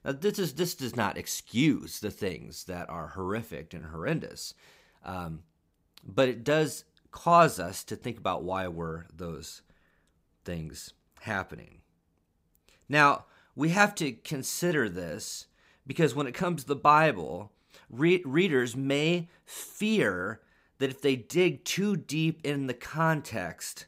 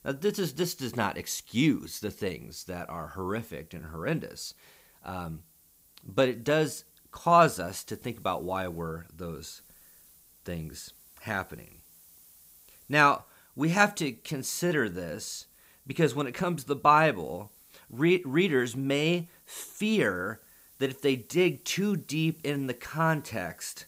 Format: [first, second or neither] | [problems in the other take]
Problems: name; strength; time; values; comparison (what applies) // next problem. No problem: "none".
first | hiss; faint; throughout; 25 dB below the speech